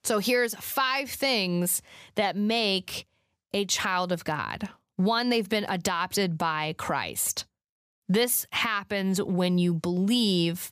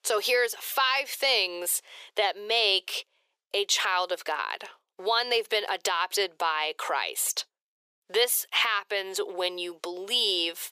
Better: first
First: none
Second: thin; very; fading below 400 Hz

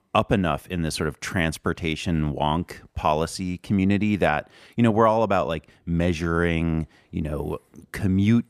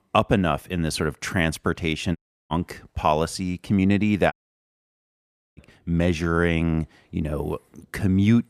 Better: first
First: none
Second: audio cutting out; at 2 s and at 4.5 s for 1.5 s

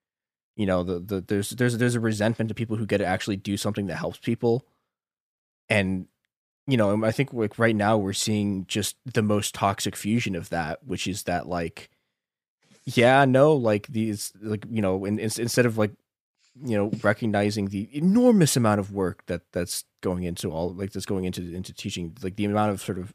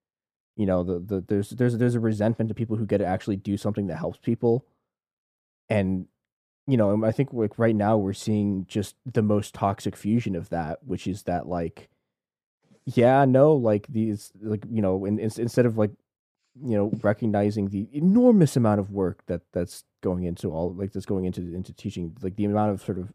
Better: first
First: none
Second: muffled; slightly; fading above 1 kHz

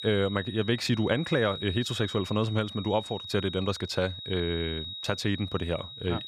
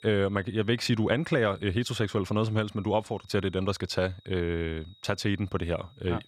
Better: second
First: high-pitched whine; loud; throughout; 4 kHz, 9 dB below the speech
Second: high-pitched whine; faint; throughout; 4 kHz, 30 dB below the speech

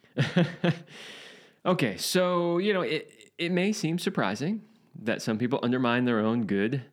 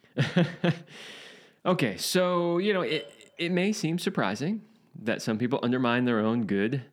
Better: first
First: none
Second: doorbell; faint; at 3 s; peak 15 dB below the speech

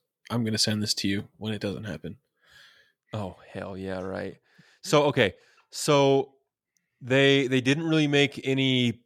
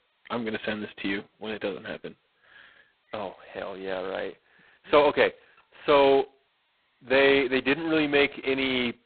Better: first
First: none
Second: phone-call audio; poor line; nothing above 4 kHz

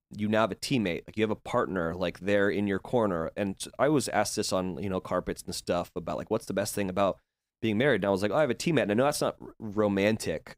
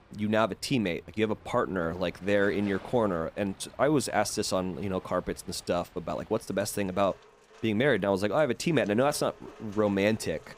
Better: first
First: none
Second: rain or running water; faint; throughout; 25 dB below the speech

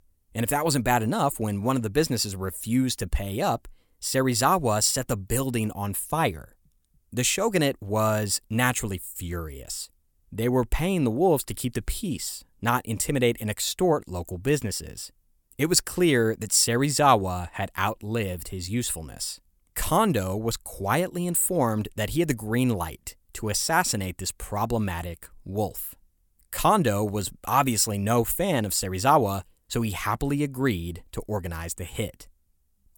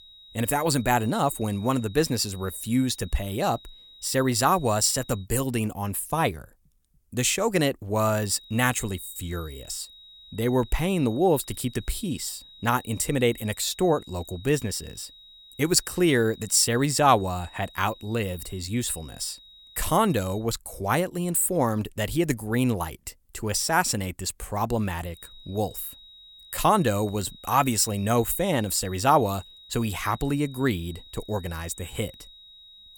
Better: first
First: none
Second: high-pitched whine; faint; until 5 s, from 8 to 20 s and from 25 s on; 4 kHz, 20 dB below the speech

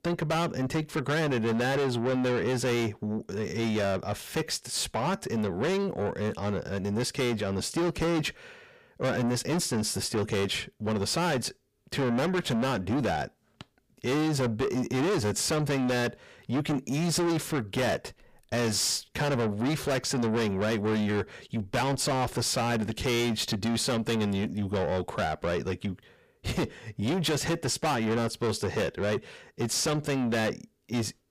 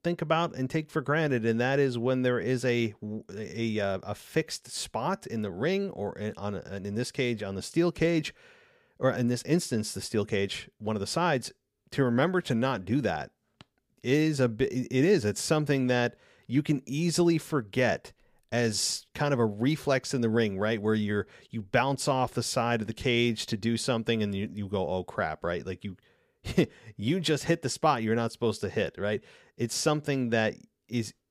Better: second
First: distortion; heavy; 6 dB below the speech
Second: none

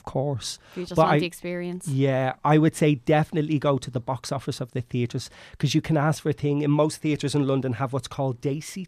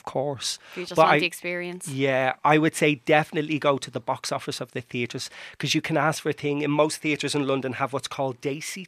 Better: first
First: none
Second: thin; very slightly; fading below 450 Hz

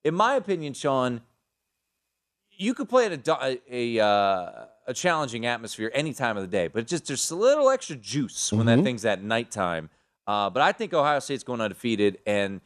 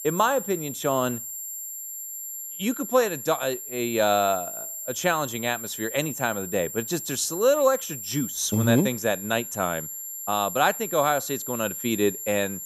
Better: first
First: none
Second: high-pitched whine; loud; throughout; 7.5 kHz, 7 dB below the speech

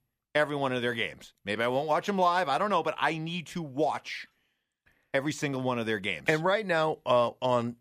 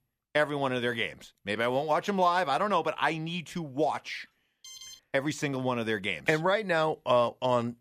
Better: first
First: none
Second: alarm; faint; at 4.5 s; peak 15 dB below the speech

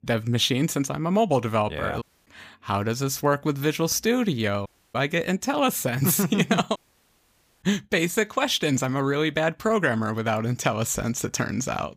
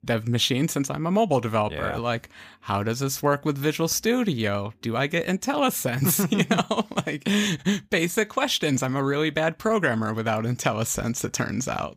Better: second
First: audio cutting out; at 2 s, at 4.5 s and at 7 s for 1 s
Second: none

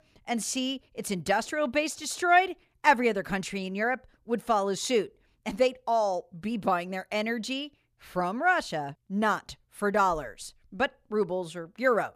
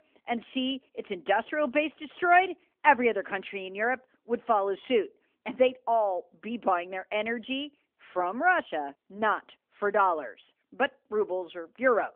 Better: first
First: none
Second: phone-call audio; nothing above 3 kHz

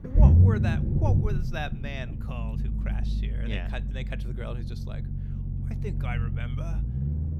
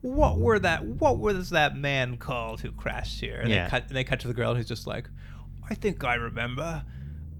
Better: second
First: low rumble; loud; throughout; 2 dB below the speech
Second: low rumble; faint; throughout; 25 dB below the speech

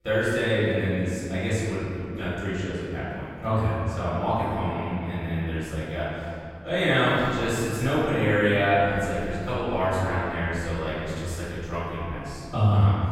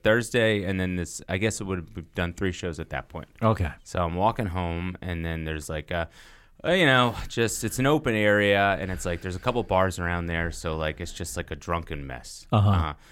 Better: second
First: off-mic speech; far // room echo; strong; dies away in 2.4 s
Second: none

